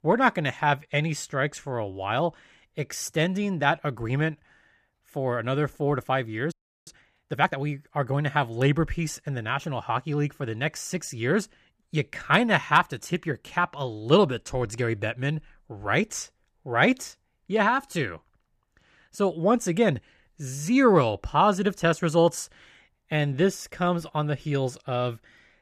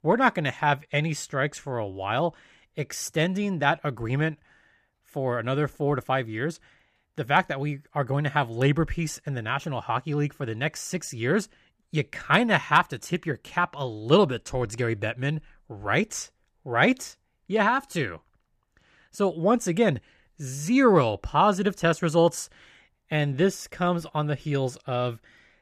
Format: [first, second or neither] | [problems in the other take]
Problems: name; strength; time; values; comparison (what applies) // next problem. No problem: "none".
second | audio freezing; at 6.5 s